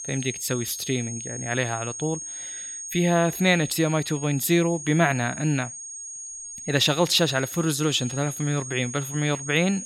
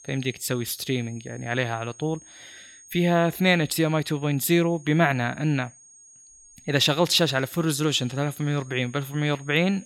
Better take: second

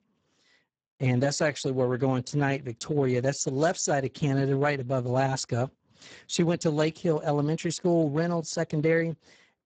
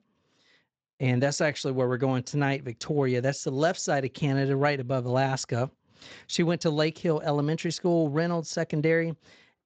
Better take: second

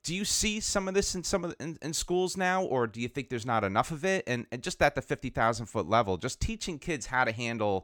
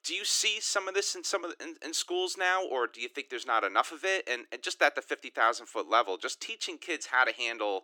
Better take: first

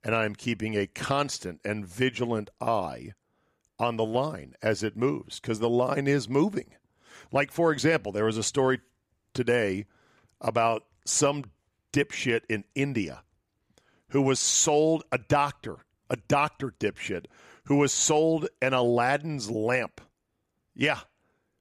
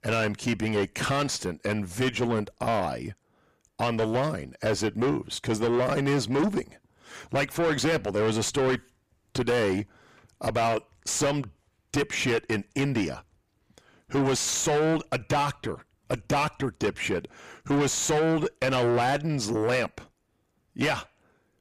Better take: first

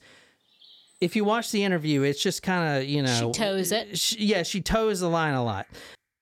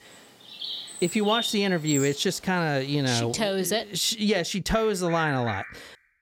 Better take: first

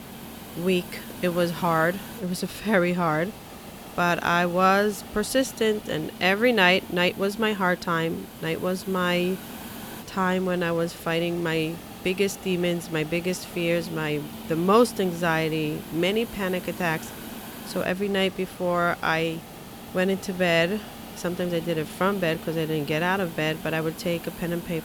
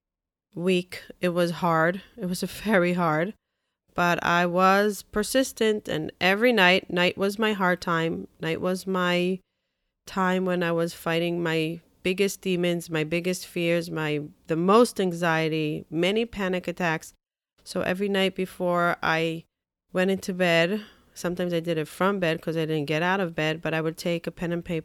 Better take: second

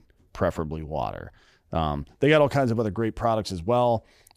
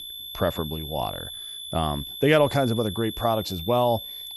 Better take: first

